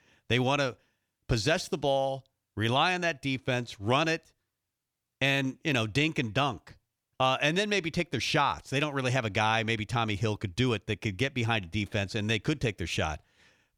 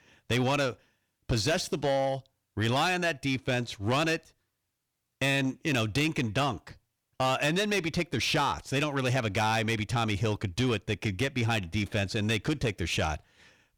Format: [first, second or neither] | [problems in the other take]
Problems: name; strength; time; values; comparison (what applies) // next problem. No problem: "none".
first | distortion; slight; 10 dB below the speech